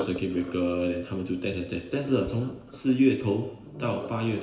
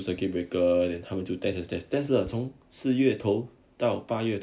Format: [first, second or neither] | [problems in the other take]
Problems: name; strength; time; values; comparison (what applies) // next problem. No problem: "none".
second | background sound (Sink (filling or washing)); 16 dB below the speech // room echo; dies away in 1 s